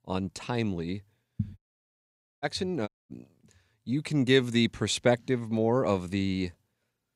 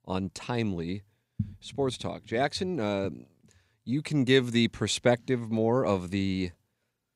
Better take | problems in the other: second | audio cutting out; at 1.5 s for 1 s and at 3 s

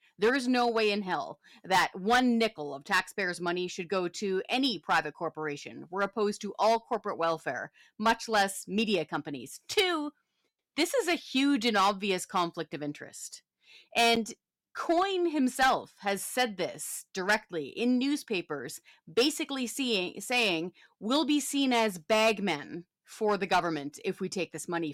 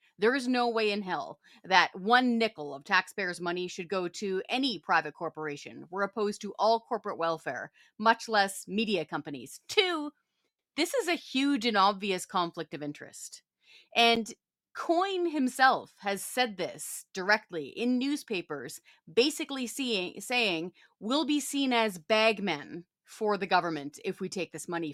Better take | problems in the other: second | distortion; slight; 2% of the sound clipped

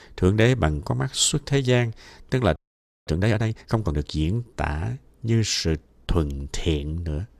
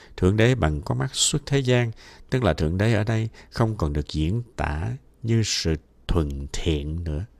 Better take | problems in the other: second | audio freezing; at 2.5 s for 0.5 s

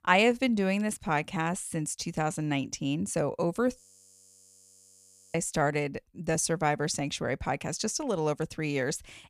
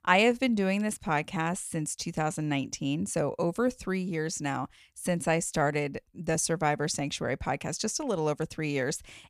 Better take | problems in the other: second | audio freezing; at 4 s for 1.5 s

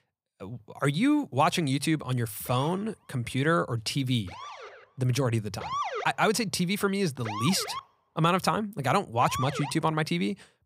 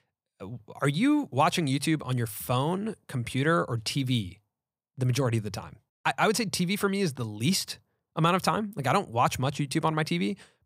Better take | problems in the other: second | siren; noticeable; from 2.5 to 9.5 s; peak 4 dB below the speech

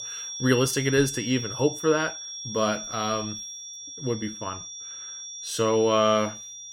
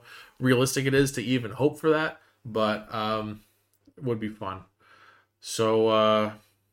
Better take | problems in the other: second | high-pitched whine; loud; throughout; 5.5 kHz, 9 dB below the speech

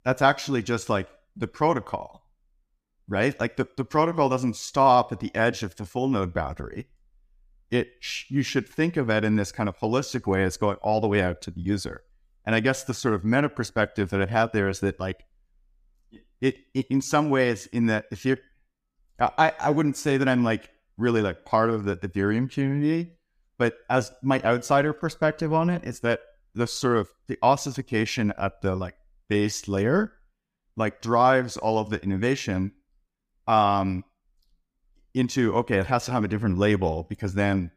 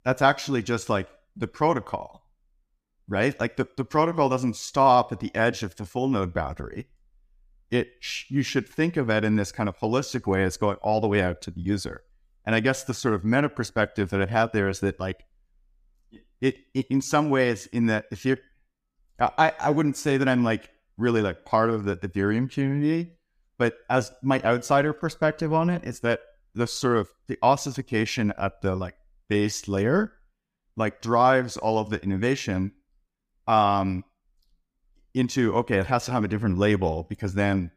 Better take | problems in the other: neither | none

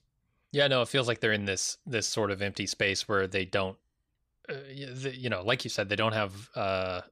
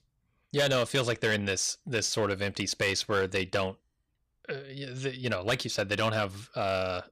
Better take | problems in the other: first | distortion; slight; 4% of the sound clipped

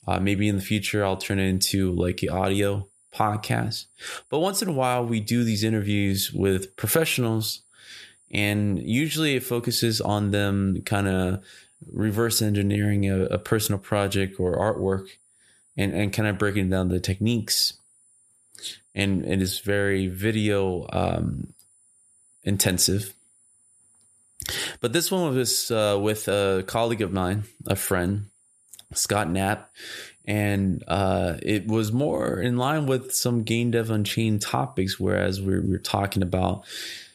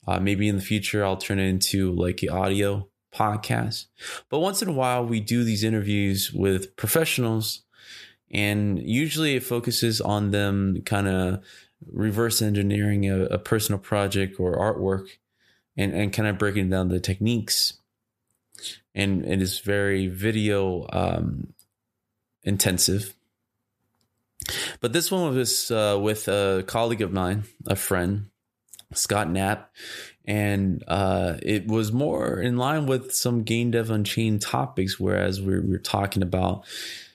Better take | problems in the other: second | high-pitched whine; faint; throughout; 9.5 kHz, 35 dB below the speech

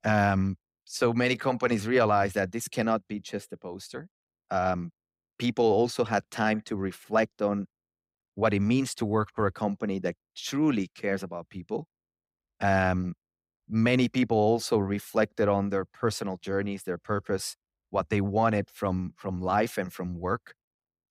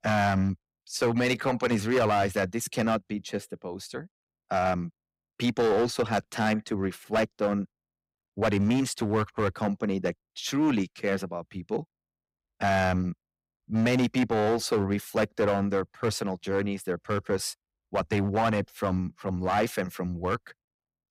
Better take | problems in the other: first | distortion; slight; 7% of the sound clipped

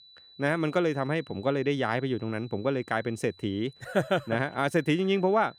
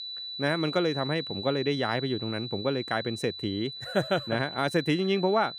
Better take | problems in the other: first | high-pitched whine; loud; throughout; 4 kHz, 8 dB below the speech; faint in the first

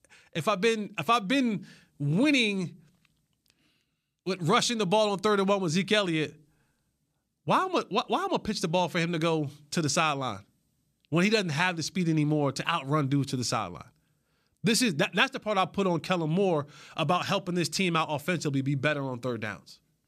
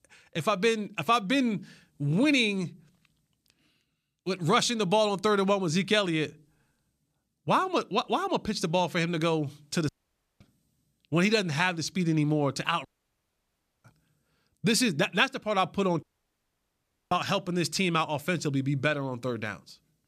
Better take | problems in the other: first | audio cutting out; at 10 s for 0.5 s, at 13 s for 1 s and at 16 s for 1 s

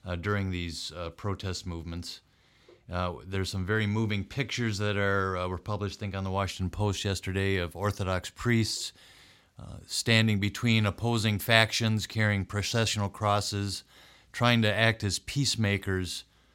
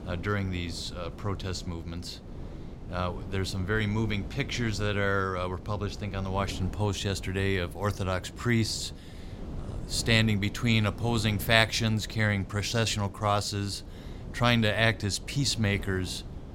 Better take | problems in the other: first | wind noise on the microphone; occasional gusts; 20 dB below the speech

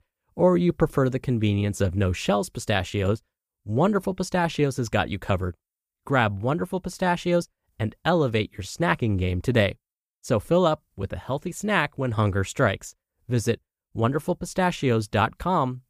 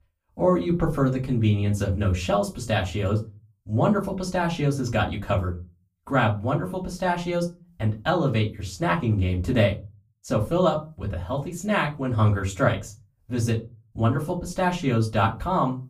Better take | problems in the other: first | off-mic speech; far // room echo; very slight; dies away in 0.2 s

